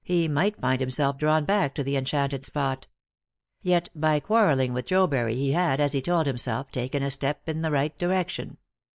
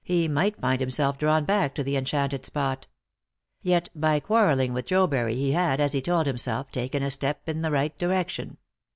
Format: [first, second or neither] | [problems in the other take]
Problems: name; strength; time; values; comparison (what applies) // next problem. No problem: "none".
second | noise reduction (neural mask model Resemble Enhance denoiser)